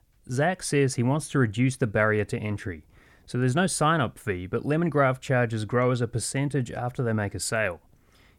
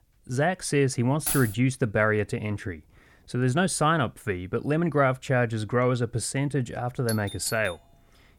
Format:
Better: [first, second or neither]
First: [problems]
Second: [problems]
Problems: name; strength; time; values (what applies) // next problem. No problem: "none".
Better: first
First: none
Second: jangling keys; noticeable; at 1.5 s; peak 3 dB below the speech // doorbell; faint; at 7 s; peak 10 dB below the speech